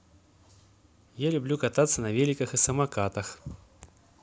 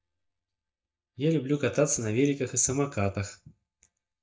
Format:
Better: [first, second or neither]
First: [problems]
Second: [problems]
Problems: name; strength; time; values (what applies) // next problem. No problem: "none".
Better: first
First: none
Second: noise reduction (neural mask model DeepFilterNet 3)